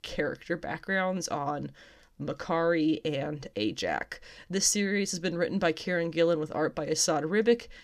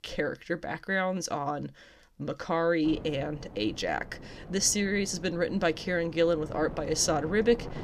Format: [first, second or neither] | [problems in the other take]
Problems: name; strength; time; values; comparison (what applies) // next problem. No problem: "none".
first | wind noise on the microphone; occasional gusts; from 3 s on; 20 dB below the speech